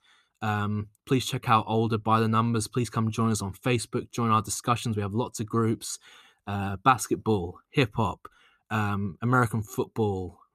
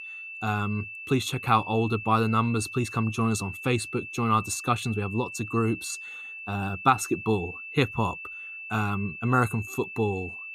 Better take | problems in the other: first | high-pitched whine; loud; throughout; 2.5 kHz, 10 dB below the speech

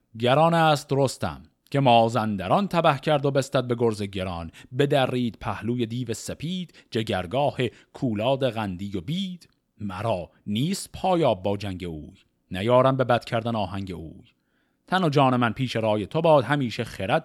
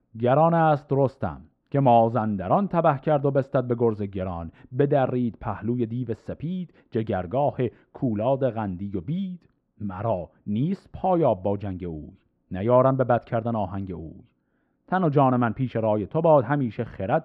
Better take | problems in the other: first | muffled; very; fading above 3.5 kHz

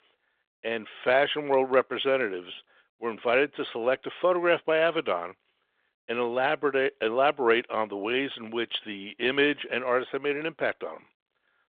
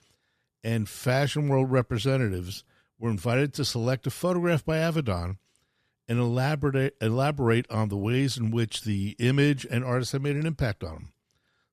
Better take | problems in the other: second | phone-call audio

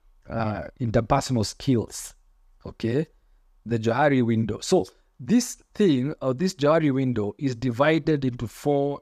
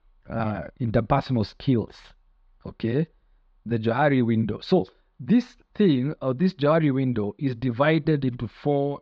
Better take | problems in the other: first | muffled; slightly; fading above 4 kHz

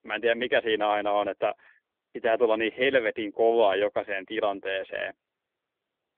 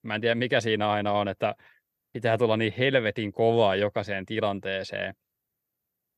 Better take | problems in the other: second | phone-call audio; nothing above 3.5 kHz

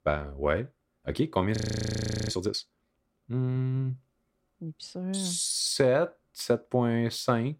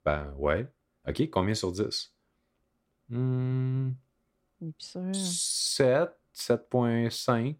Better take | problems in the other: second | audio freezing; at 1.5 s for 0.5 s

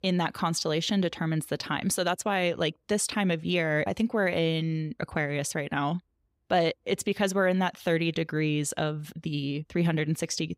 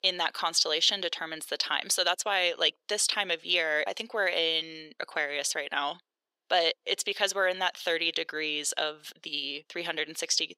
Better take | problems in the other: first | thin; very; fading below 450 Hz

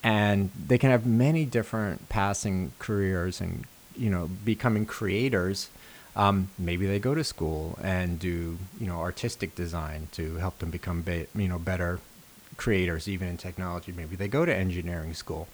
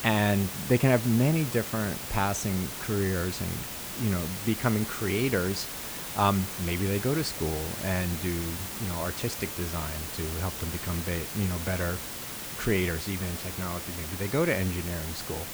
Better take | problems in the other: first | hiss; loud; throughout; 5 dB below the speech; faint in the first

